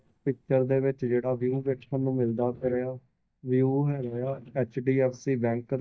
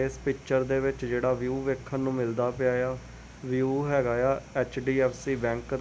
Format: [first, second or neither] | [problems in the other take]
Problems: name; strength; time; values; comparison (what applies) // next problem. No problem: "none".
second | noise reduction (neural mask model DeepFilterNet 3)